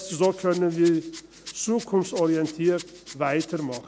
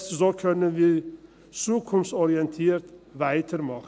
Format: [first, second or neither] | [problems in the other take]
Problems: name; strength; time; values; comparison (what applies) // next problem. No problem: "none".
second | background sound (Rattle); 19 dB below the speech